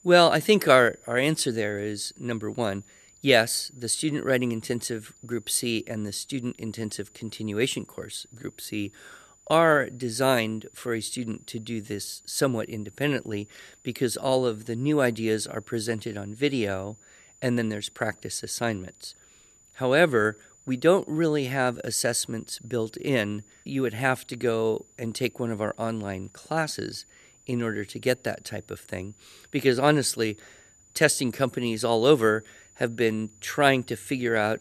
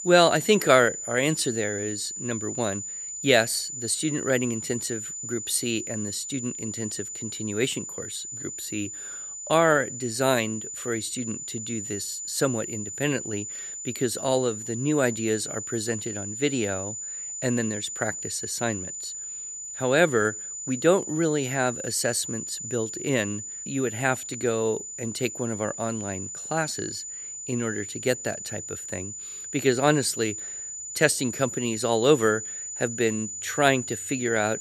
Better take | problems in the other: first | high-pitched whine; loud; throughout; 7 kHz, 7 dB below the speech; faint in the first

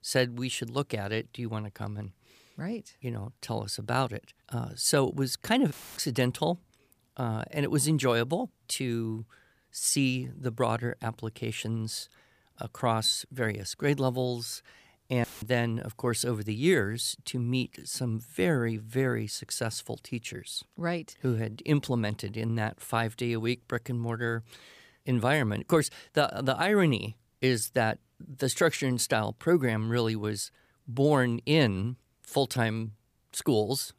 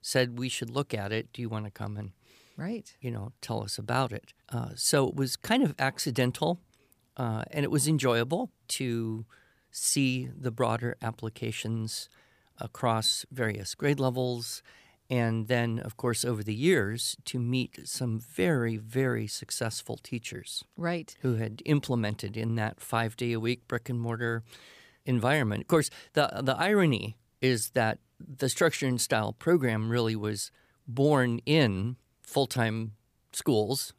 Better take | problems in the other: second | audio cutting out; filled with static; at 5.5 s and at 15 s

